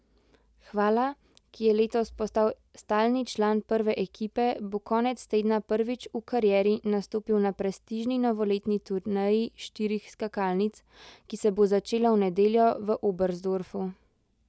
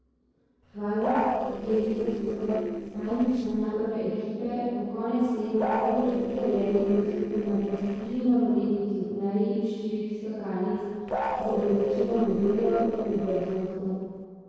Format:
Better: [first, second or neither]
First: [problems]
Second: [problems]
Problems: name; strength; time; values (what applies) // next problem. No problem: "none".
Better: first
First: none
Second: noise reduction (neural separator model SepFormer DNS4)